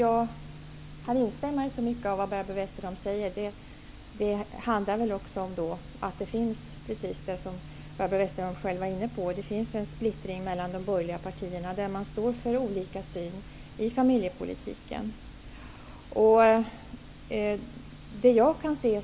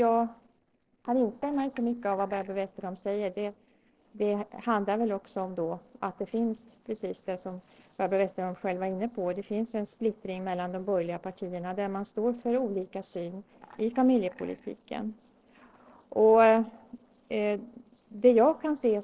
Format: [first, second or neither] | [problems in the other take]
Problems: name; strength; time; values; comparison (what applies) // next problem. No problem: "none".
first | noise reduction (neural separator model SepFormer DNS4)